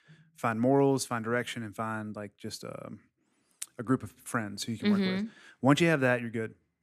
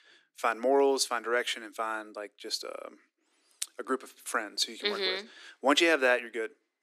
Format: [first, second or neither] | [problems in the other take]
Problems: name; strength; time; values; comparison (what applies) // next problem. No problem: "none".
first | thin; somewhat; fading below 300 Hz